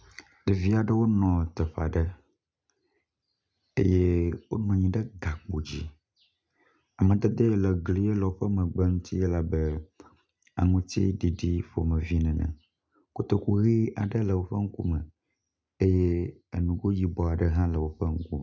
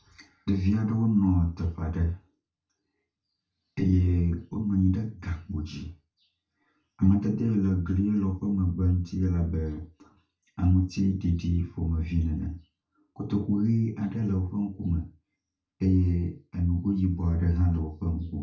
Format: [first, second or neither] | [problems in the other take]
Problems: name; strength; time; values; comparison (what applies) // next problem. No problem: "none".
first | room echo; dies away in 0.2 s